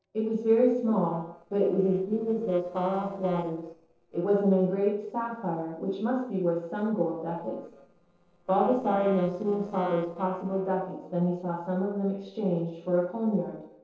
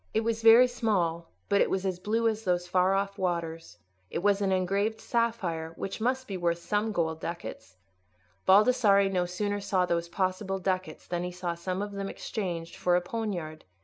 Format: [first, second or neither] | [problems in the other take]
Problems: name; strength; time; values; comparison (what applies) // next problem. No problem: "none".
second | noise reduction (neural separator model SepFormer DNS4)